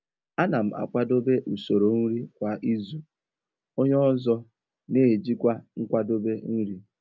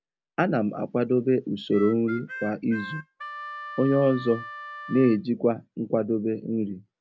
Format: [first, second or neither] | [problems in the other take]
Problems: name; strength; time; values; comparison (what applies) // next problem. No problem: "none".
first | background sound (Harmonica); 13 dB below the speech